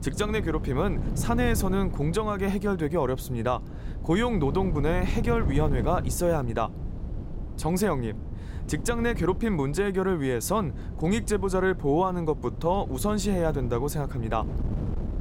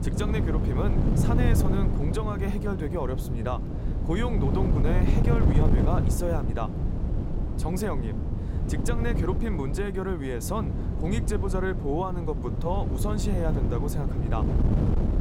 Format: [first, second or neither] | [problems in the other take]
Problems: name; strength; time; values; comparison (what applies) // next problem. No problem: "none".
first | wind noise on the microphone; heavy; 3 dB below the speech; occasional gusts in the first